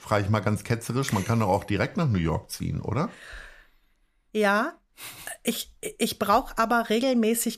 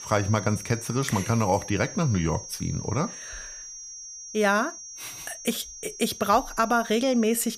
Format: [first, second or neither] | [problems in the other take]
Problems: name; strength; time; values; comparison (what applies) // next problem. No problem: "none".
first | high-pitched whine; noticeable; throughout; 5.5 kHz, 10 dB below the speech